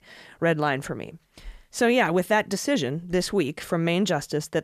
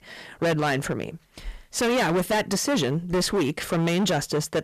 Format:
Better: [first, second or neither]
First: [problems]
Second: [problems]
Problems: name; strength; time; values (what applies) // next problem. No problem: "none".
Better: first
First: none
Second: distortion; heavy; 18% of the sound clipped